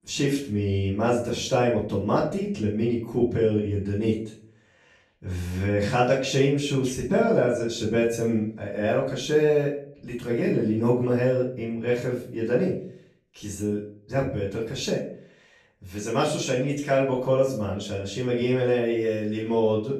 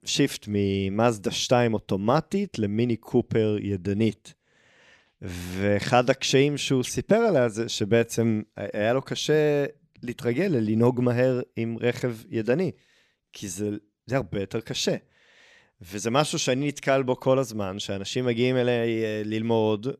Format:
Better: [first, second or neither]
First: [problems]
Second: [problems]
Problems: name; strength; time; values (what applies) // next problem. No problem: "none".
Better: second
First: off-mic speech; far // room echo; noticeable; dies away in 0.4 s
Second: none